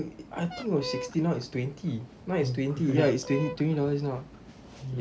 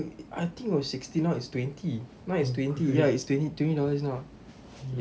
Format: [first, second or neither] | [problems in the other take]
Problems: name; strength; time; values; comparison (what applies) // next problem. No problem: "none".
second | background sound (Fowl); 13 dB below the speech